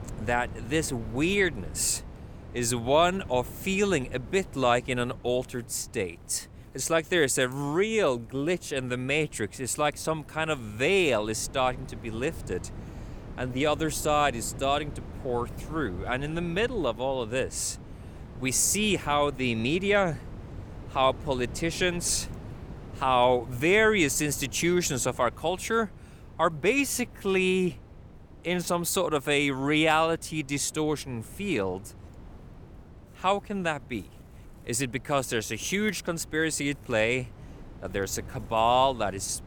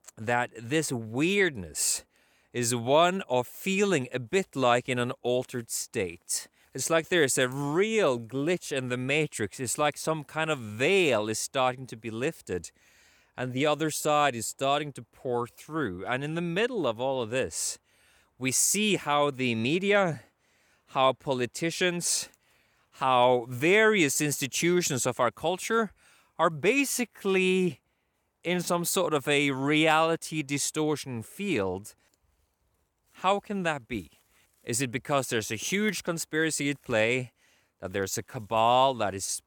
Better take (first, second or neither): second